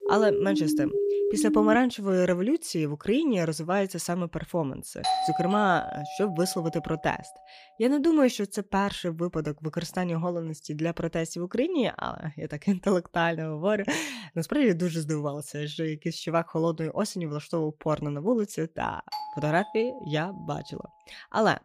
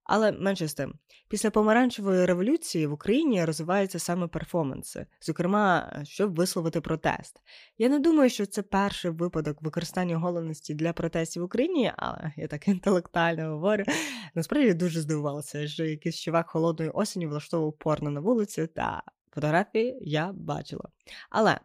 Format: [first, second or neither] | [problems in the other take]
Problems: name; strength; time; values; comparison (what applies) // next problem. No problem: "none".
second | siren; loud; until 2 s; peak 2 dB above the speech // doorbell; loud; from 5 to 7 s; peak 1 dB above the speech // doorbell; noticeable; from 19 to 20 s; peak 8 dB below the speech